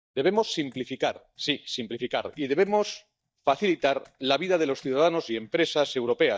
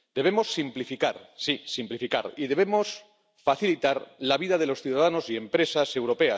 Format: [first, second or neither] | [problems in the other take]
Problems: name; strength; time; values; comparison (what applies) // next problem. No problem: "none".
second | noise reduction (neural mask model DeepFilterNet 3)